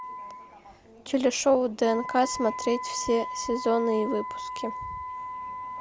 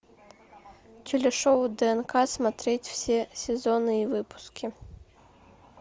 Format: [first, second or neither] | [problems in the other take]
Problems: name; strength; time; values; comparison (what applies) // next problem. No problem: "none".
second | background sound (Wind instrument, woodwind instrument); 9 dB below the speech